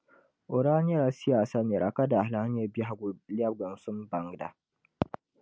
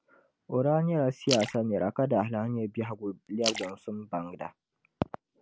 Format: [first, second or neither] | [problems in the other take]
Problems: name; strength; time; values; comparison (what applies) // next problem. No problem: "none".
first | background sound (Splash, splatter); 11 dB below the speech